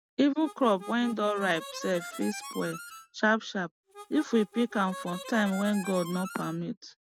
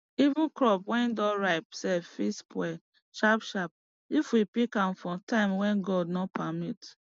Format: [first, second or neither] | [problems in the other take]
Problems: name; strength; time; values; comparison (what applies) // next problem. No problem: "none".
second | background sound (Harmonica); 14 dB below the speech